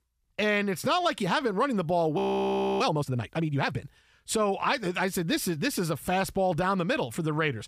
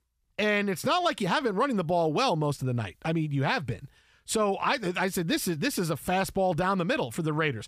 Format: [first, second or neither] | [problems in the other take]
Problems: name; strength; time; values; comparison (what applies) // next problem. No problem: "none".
second | audio freezing; at 2 s for 0.5 s